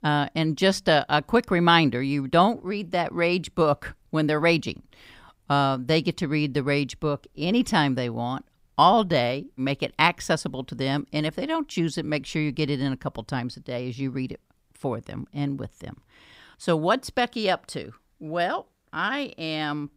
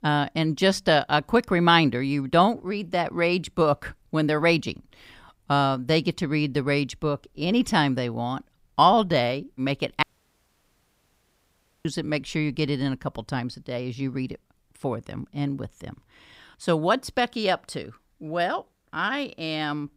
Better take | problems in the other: first | audio cutting out; at 10 s for 2 s

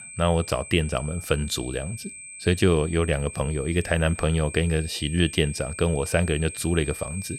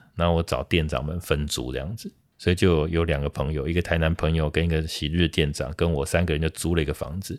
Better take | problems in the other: second | high-pitched whine; noticeable; throughout; 8 kHz, 10 dB below the speech

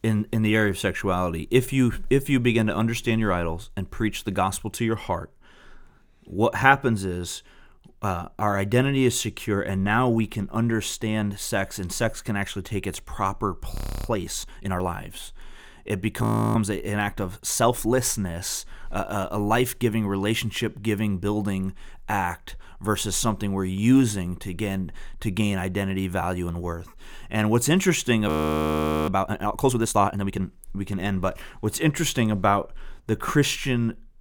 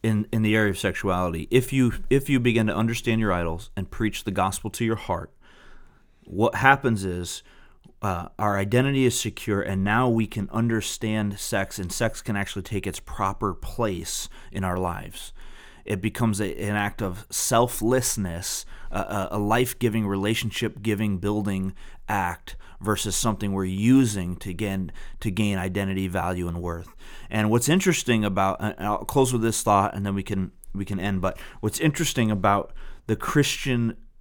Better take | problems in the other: second | audio freezing; at 14 s, at 16 s and at 28 s for 1 s

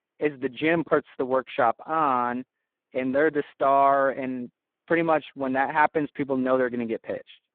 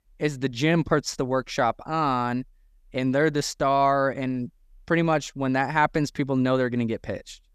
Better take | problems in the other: second | phone-call audio; poor line

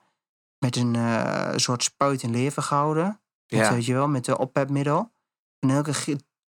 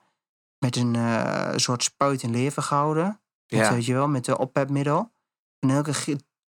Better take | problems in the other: neither | none

